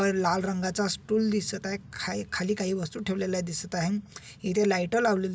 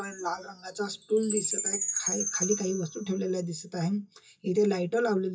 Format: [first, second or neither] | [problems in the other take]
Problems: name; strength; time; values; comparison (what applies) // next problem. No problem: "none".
first | noise reduction (classical method WPE with log-MMSE)